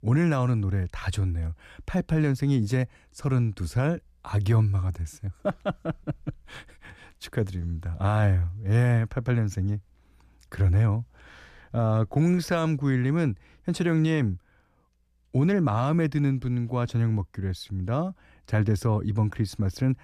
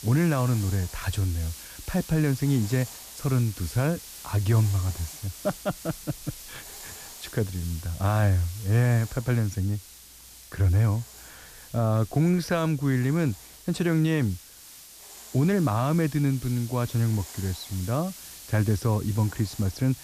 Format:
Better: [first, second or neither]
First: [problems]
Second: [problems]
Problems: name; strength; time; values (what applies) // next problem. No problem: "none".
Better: first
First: none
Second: hiss; noticeable; throughout; 15 dB below the speech